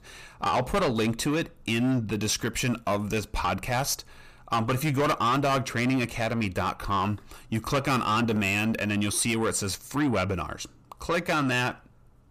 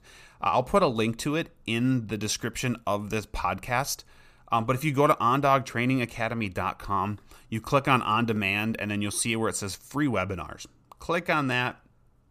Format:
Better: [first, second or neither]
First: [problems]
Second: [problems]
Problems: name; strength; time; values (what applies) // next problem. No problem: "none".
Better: second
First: distortion; heavy; 7 dB below the speech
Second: none